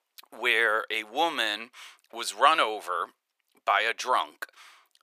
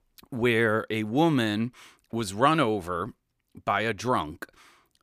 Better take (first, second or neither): second